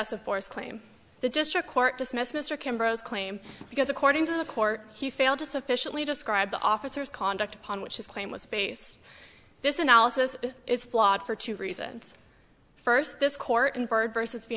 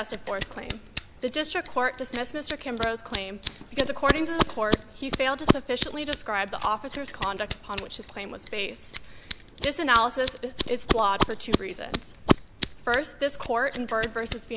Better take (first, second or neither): first